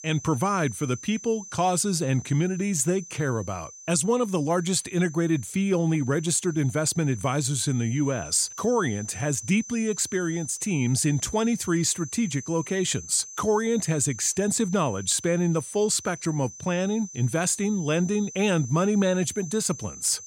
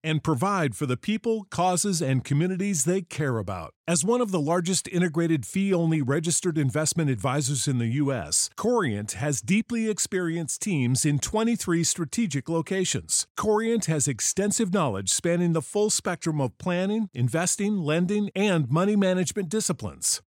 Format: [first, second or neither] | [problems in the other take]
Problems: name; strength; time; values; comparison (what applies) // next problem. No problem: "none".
second | high-pitched whine; noticeable; throughout; 6 kHz, 15 dB below the speech